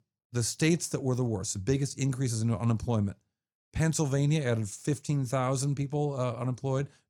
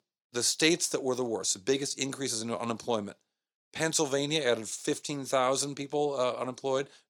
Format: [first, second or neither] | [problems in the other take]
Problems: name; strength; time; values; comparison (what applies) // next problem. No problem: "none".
first | thin; somewhat; fading below 400 Hz